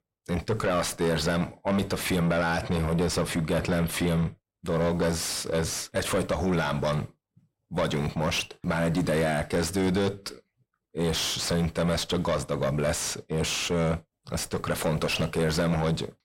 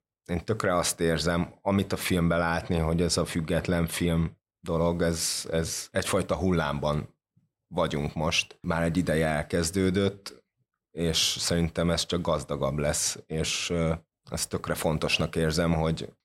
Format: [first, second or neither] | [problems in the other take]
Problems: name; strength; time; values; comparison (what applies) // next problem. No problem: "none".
second | distortion; heavy; 5 dB below the speech